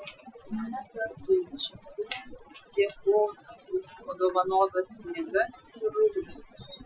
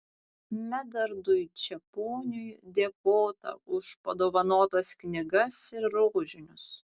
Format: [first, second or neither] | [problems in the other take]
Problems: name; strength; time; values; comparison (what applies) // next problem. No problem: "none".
second | noise reduction (classical method Wiener filter)